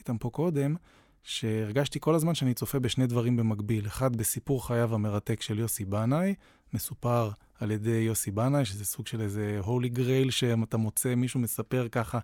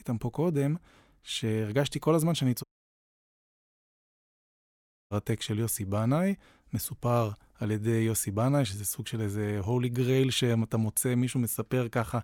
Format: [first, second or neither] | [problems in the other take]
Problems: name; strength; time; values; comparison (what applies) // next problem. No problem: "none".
first | audio cutting out; at 2.5 s for 2.5 s